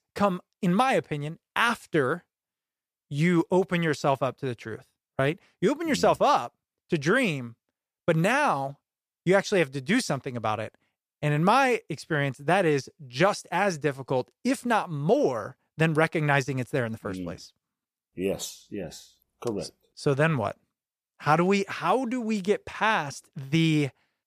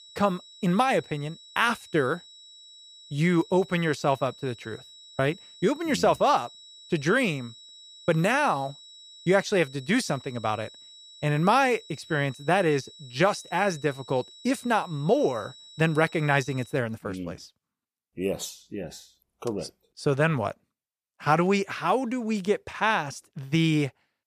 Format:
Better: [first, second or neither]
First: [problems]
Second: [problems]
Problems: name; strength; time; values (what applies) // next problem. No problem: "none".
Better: first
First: none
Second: high-pitched whine; faint; until 17 s; 4 kHz, 20 dB below the speech